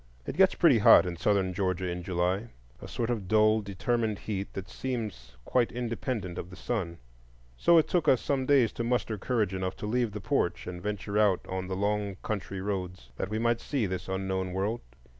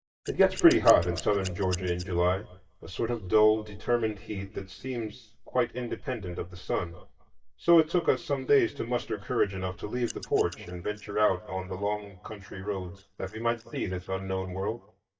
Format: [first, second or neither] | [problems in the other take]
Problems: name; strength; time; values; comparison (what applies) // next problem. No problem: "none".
first | noise reduction (neural mask model DeepFilterNet 3)